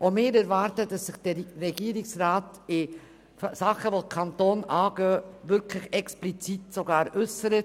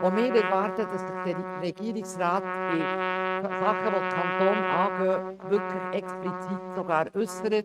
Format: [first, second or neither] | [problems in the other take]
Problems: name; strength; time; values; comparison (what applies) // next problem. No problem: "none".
first | noise reduction (neural mask model RNNoise)